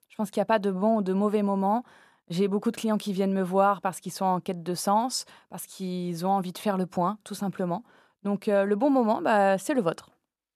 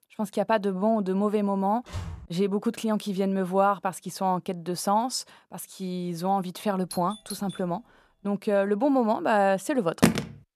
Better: first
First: none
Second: door banging; faint; at 2 s; peak 10 dB below the speech // doorbell; faint; at 7 s; peak 15 dB below the speech // phone ringing; loud; at 10 s; peak 3 dB above the speech

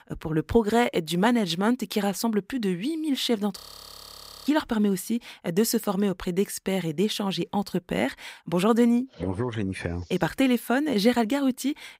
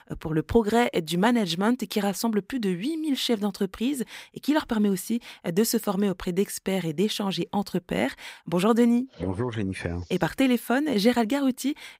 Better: second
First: audio freezing; at 3.5 s for 1 s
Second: none

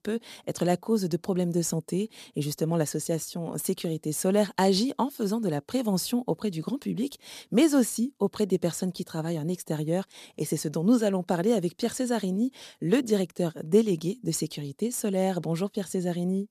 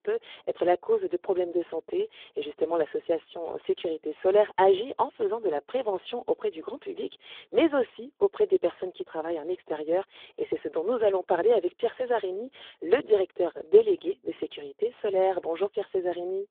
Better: first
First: none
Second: phone-call audio; poor line

